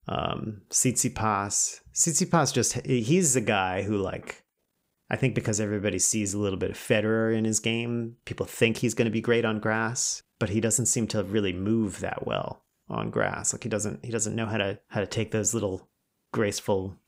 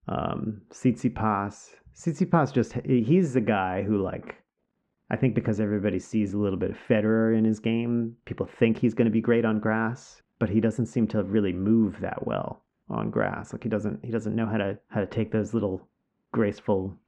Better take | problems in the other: first | muffled; very; fading above 2 kHz

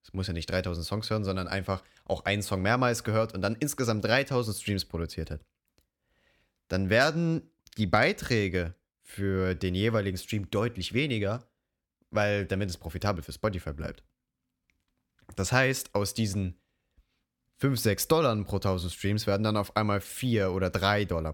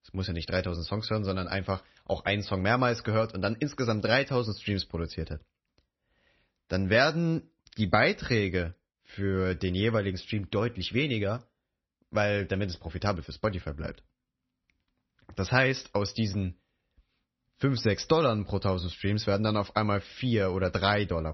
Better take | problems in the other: first | garbled, watery; slightly; nothing above 6 kHz

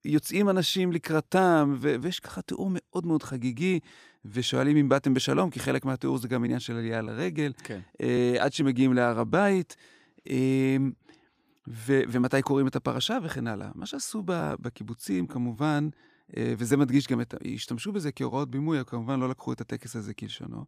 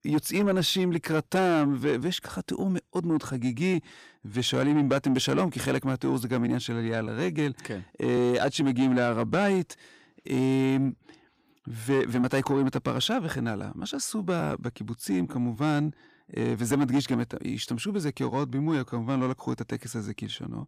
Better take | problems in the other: first | distortion; slight; 10 dB below the speech

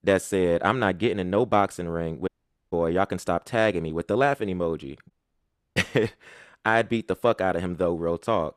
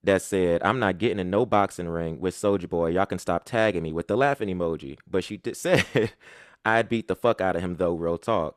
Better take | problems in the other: second | audio cutting out; at 2.5 s and at 5 s for 0.5 s

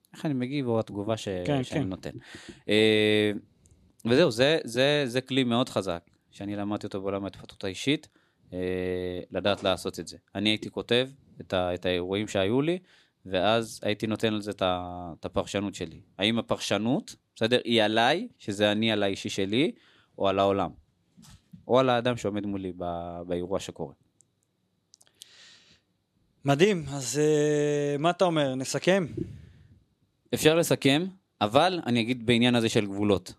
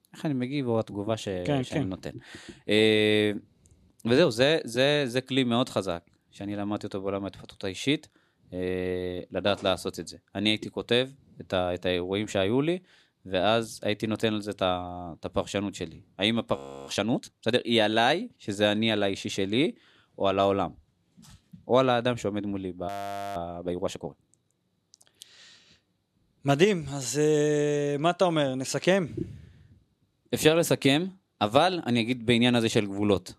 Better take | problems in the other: first | audio freezing; at 17 s and at 23 s

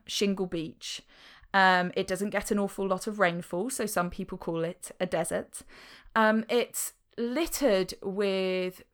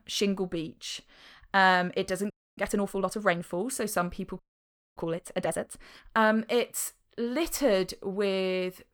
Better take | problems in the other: first | audio freezing; at 2.5 s and at 4.5 s for 0.5 s

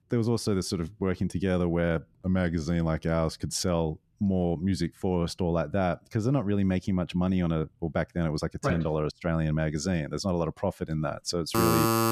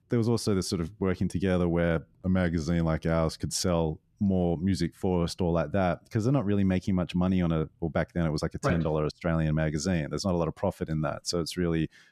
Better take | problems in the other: second | alarm; loud; at 12 s; peak 5 dB above the speech

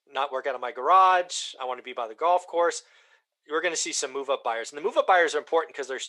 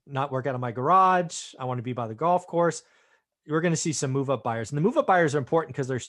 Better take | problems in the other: second | thin; very; fading below 400 Hz

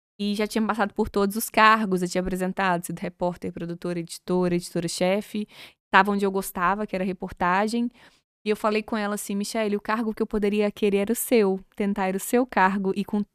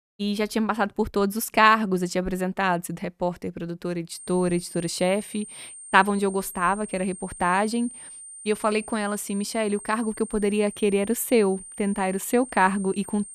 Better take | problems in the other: first | high-pitched whine; noticeable; from 4 s on; 8.5 kHz, 15 dB below the speech

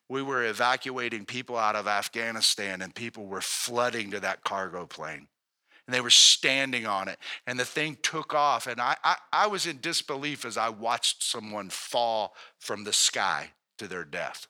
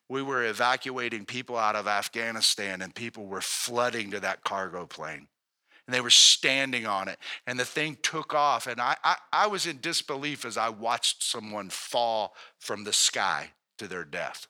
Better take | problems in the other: neither | thin; somewhat; fading below 700 Hz; the same in both

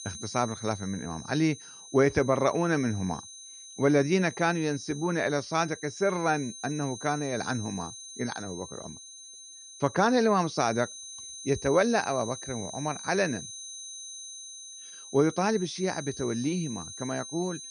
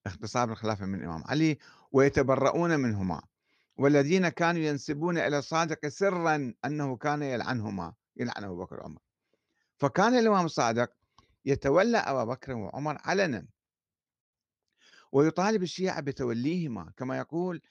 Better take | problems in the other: second | high-pitched whine; noticeable; throughout; 6.5 kHz, 10 dB below the speech

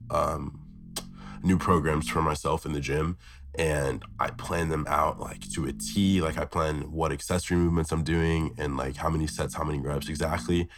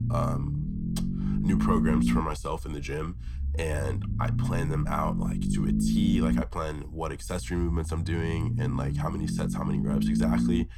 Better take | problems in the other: first | low rumble; loud; throughout; 1 dB below the speech; faint in the first

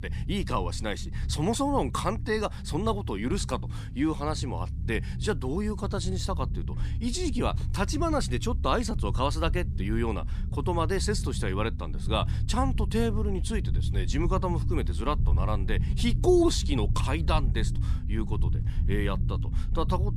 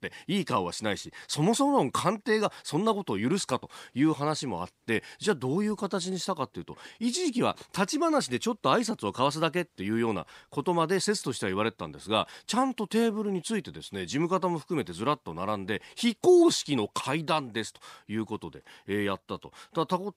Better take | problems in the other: second | low rumble; noticeable; throughout; 15 dB below the speech

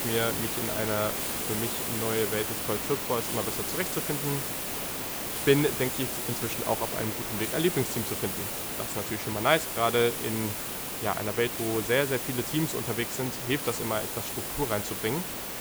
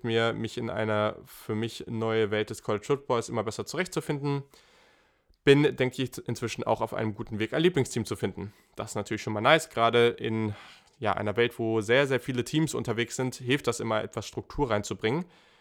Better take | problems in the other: second | hiss; loud; throughout; 1 dB below the speech

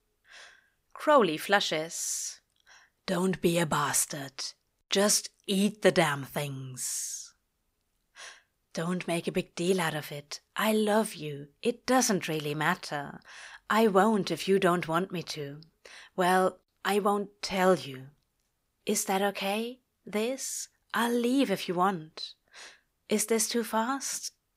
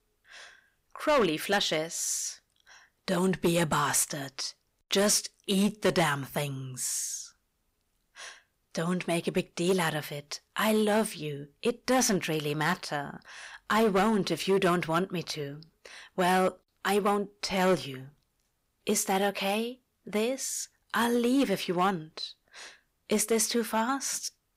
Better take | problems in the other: first | distortion; slight; 4% of the sound clipped

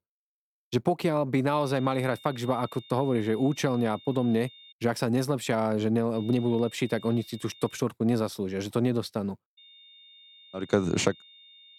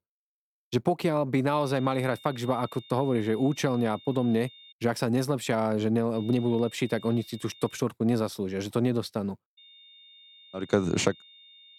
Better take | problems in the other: neither | high-pitched whine; faint; from 1.5 to 4.5 s, from 6 to 8 s and from 9.5 s on; 3.5 kHz, 20 dB below the speech; the same in both

